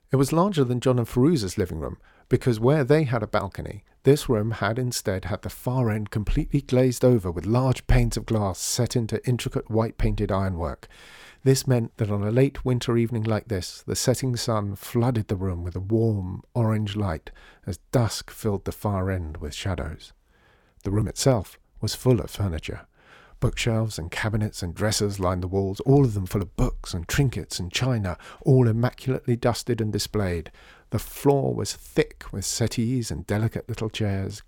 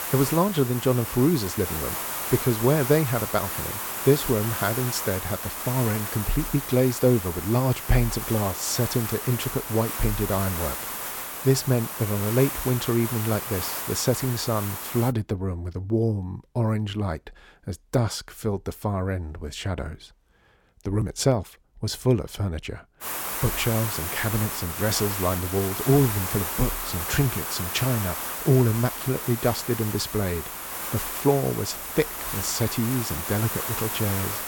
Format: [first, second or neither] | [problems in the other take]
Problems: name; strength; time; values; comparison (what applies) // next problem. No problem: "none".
first | hiss; loud; until 15 s and from 23 s on; 4 dB below the speech